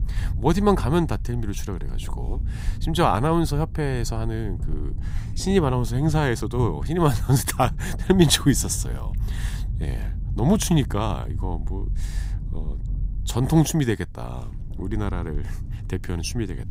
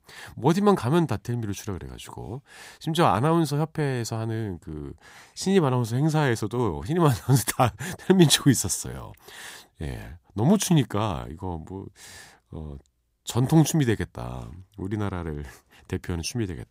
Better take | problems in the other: second | low rumble; faint; throughout; 20 dB below the speech

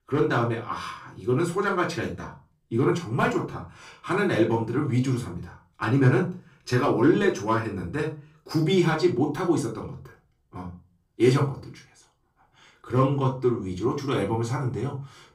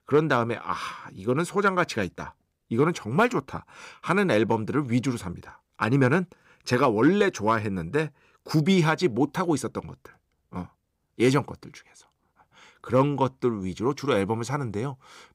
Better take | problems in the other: second | off-mic speech; far // room echo; slight; dies away in 0.3 s

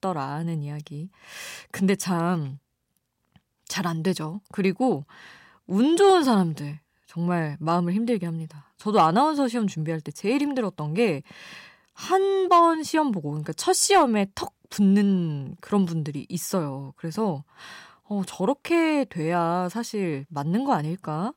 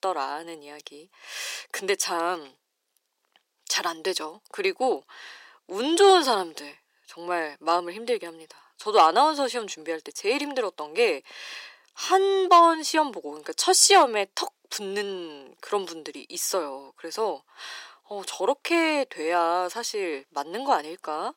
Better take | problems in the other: first | thin; very; fading below 350 Hz

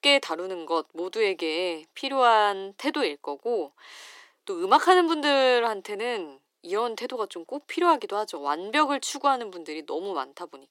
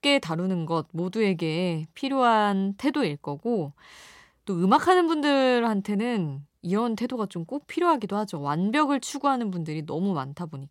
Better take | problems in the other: second | thin; somewhat; fading below 300 Hz

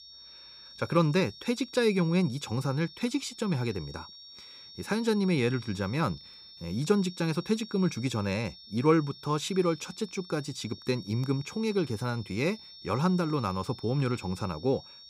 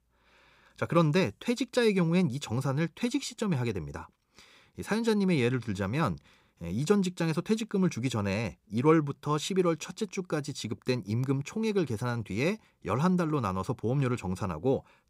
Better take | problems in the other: second | high-pitched whine; noticeable; throughout; 5.5 kHz, 15 dB below the speech

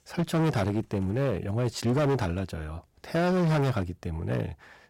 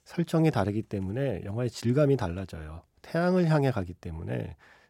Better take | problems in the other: second | distortion; heavy; 16% of the sound clipped

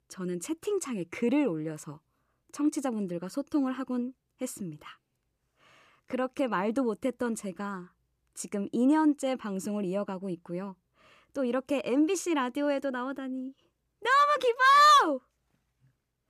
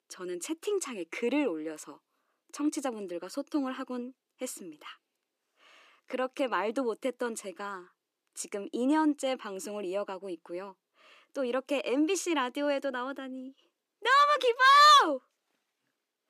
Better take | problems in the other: first | thin; very slightly; fading below 300 Hz

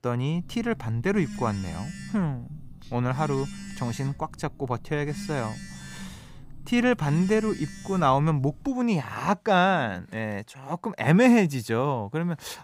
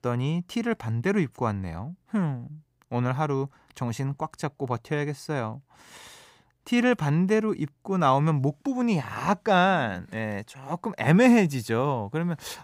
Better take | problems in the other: second | phone ringing; faint; until 8.5 s; peak 10 dB below the speech

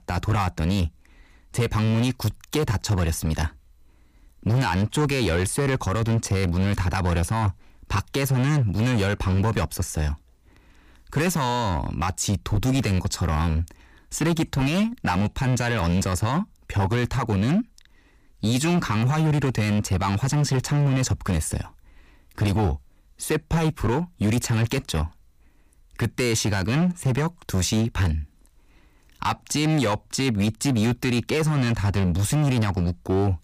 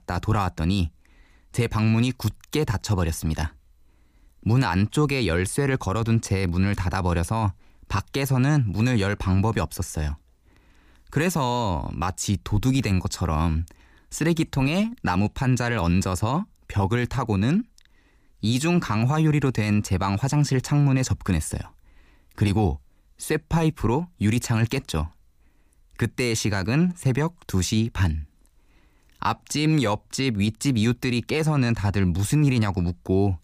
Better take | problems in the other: second | distortion; slight; 12% of the sound clipped

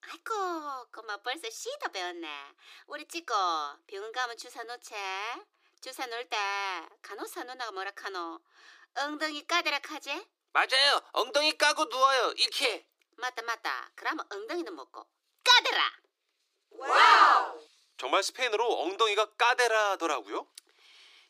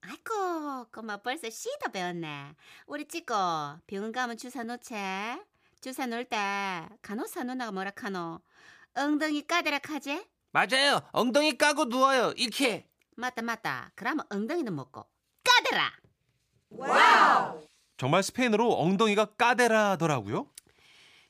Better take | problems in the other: second | thin; very; fading below 300 Hz

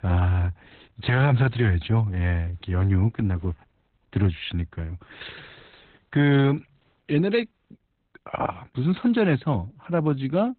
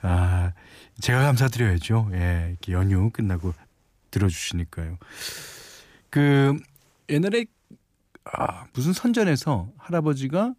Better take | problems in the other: second | garbled, watery; badly; nothing above 4 kHz

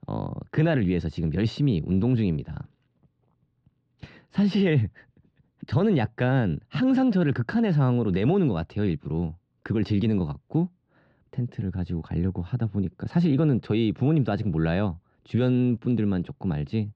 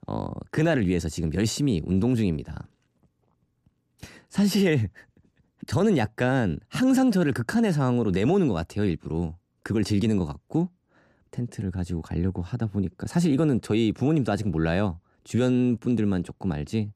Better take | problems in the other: second | muffled; slightly; fading above 4 kHz

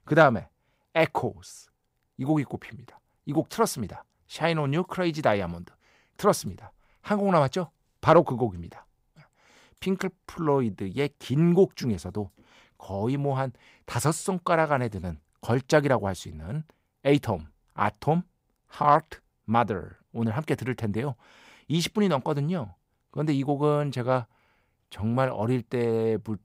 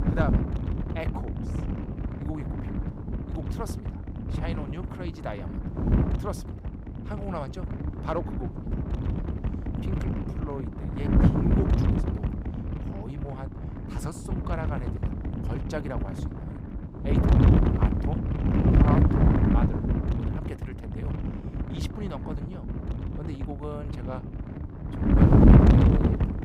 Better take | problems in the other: first | wind noise on the microphone; heavy; 5 dB above the speech

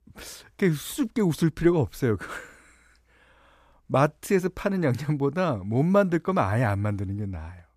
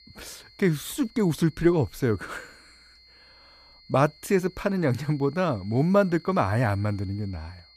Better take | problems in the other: first | high-pitched whine; faint; throughout; 4.5 kHz, 25 dB below the speech

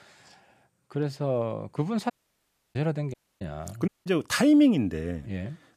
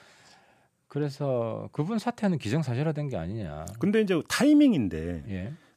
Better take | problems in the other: second | audio cutting out; at 2 s for 0.5 s, at 3 s and at 4 s

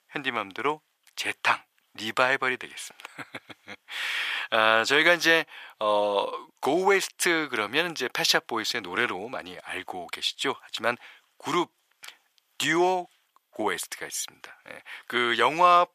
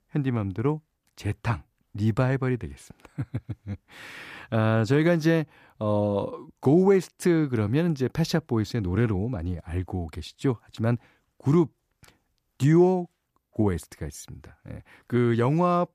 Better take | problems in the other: second | thin; very; fading below 850 Hz

